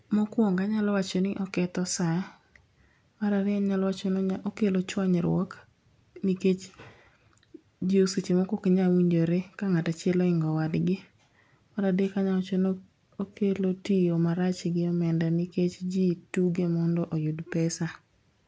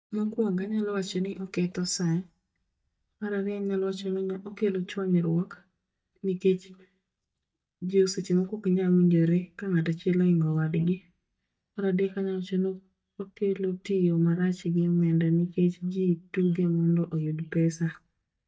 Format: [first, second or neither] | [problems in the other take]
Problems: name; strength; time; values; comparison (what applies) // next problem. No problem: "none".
first | noise reduction (neural mask model DeepFilterNet 3)